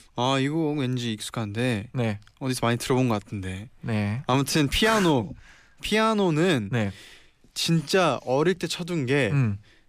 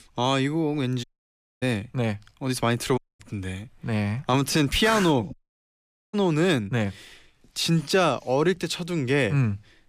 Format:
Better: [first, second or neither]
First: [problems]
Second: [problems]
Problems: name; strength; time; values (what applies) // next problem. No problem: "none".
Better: first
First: none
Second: audio cutting out; at 1 s for 0.5 s, at 3 s and at 5.5 s for 1 s